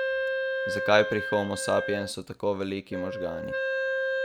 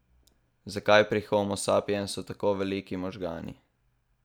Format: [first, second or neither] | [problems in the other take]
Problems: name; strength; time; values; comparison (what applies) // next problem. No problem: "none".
second | background sound (Wind instrument, woodwind instrument); 1 dB below the speech